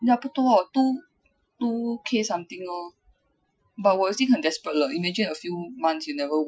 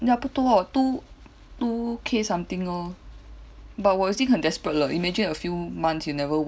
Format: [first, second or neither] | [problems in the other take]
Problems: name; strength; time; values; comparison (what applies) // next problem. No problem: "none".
second | noise reduction (classical method Wiener filter)